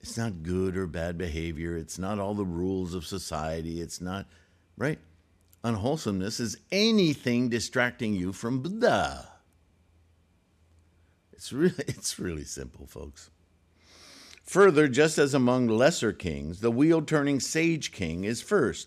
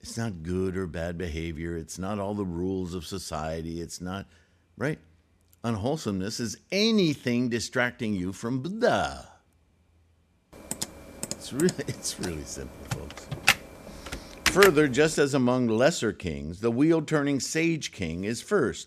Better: first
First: none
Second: keyboard typing; loud; from 11 to 15 s; peak 4 dB above the speech

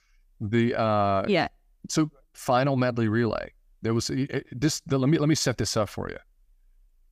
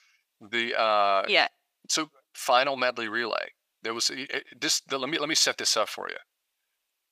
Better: first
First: none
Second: thin; very; fading below 650 Hz

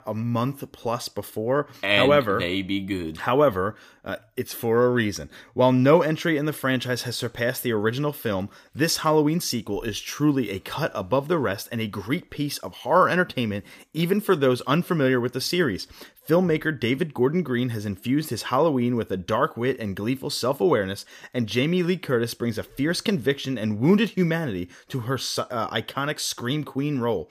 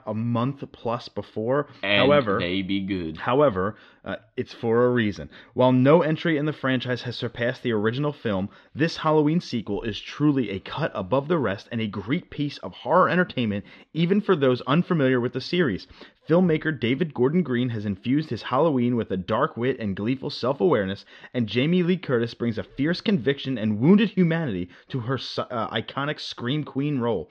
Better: first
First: none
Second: muffled; very slightly; fading above 4 kHz

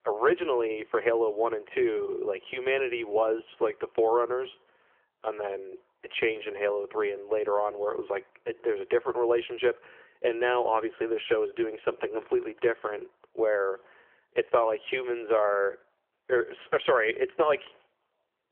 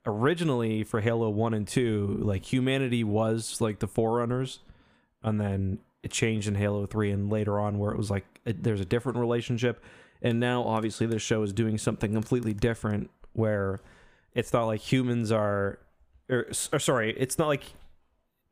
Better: second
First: phone-call audio; nothing above 3.5 kHz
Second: none

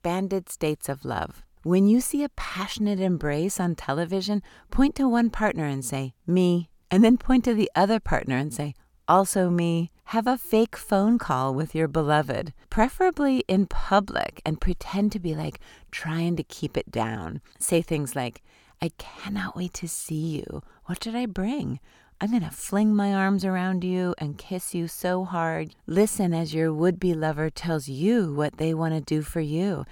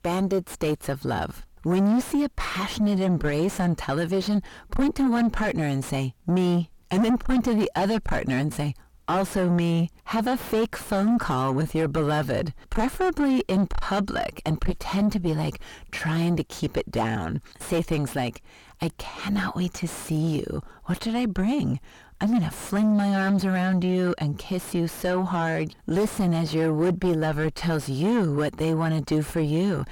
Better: first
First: none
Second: distortion; heavy; 5 dB below the speech

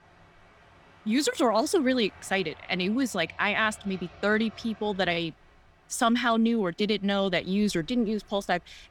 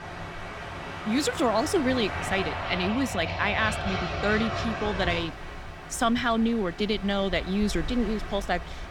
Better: first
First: train or aircraft noise; faint; throughout; 25 dB below the speech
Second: train or aircraft noise; loud; throughout; 6 dB below the speech

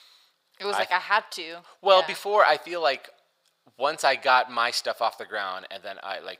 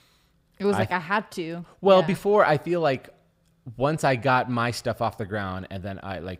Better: second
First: thin; very; fading below 750 Hz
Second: none

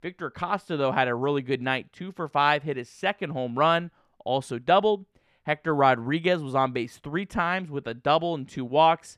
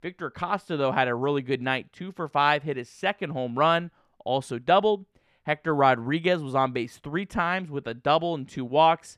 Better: neither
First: muffled; very slightly; fading above 3.5 kHz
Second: muffled; very slightly; fading above 3.5 kHz

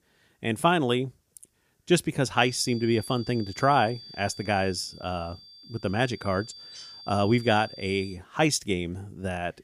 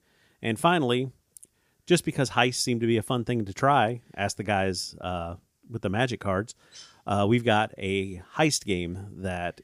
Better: second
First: high-pitched whine; noticeable; from 2.5 to 8 s; 4.5 kHz, 15 dB below the speech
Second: none

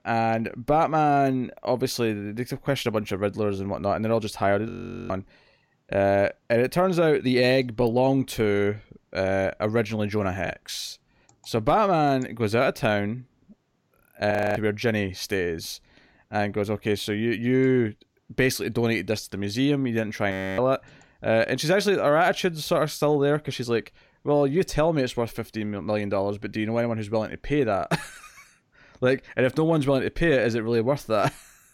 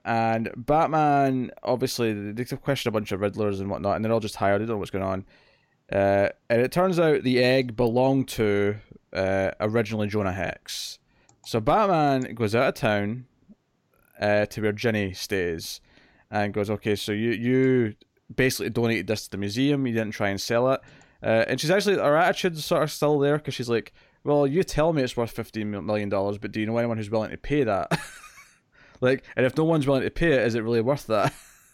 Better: second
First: audio freezing; at 4.5 s, at 14 s and at 20 s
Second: none

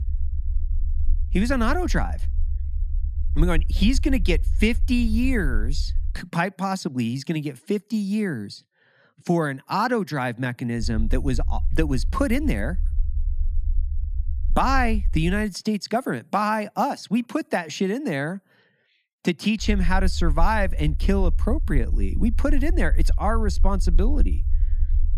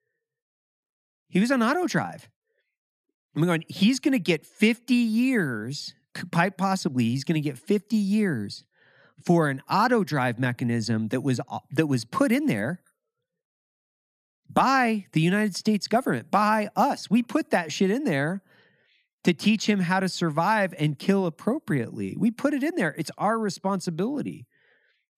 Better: second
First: low rumble; faint; until 6 s, from 11 to 15 s and from 20 s on; 20 dB below the speech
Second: none

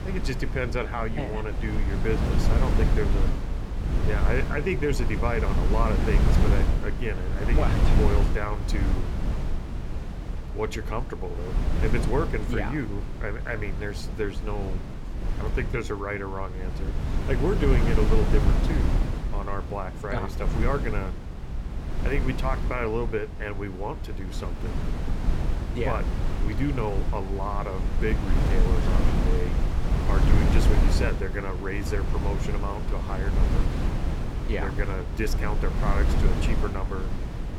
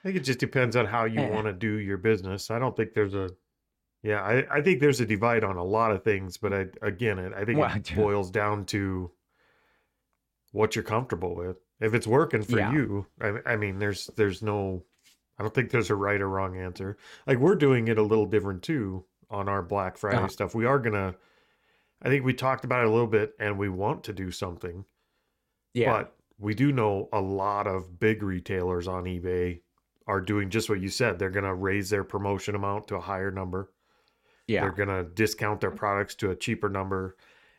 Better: second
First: wind noise on the microphone; heavy; 4 dB below the speech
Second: none

